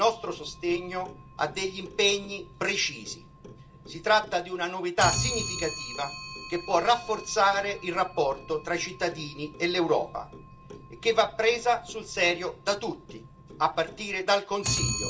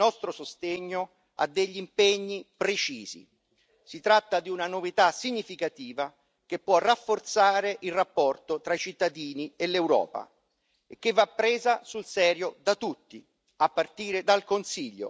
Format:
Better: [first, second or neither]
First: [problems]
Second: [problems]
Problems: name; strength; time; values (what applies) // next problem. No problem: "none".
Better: second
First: background sound (Clock); 10 dB below the speech // room echo; dies away in 0.2 s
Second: none